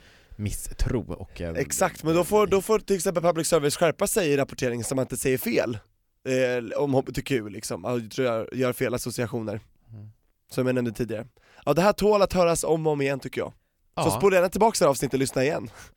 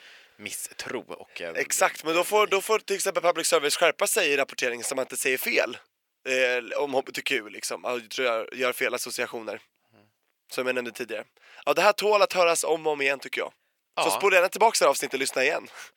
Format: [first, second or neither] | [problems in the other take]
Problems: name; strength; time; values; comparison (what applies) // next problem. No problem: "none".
first | thin; somewhat; fading below 500 Hz